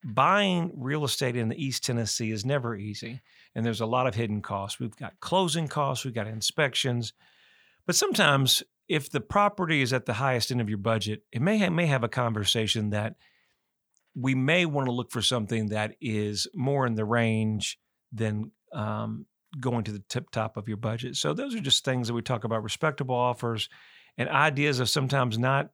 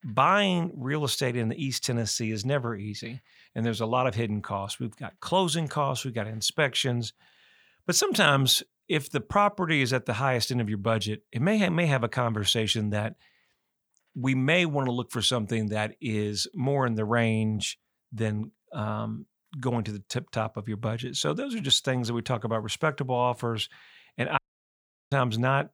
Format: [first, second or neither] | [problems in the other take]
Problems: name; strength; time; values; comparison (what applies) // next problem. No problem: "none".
first | audio cutting out; at 24 s for 0.5 s